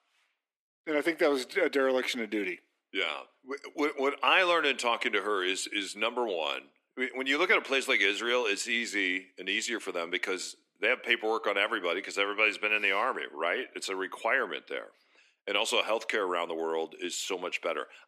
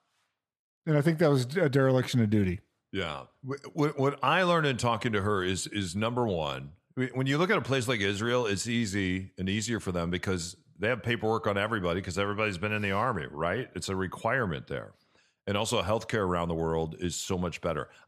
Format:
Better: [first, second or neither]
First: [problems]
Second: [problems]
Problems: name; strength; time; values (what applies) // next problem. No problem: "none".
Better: second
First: thin; somewhat; fading below 300 Hz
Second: none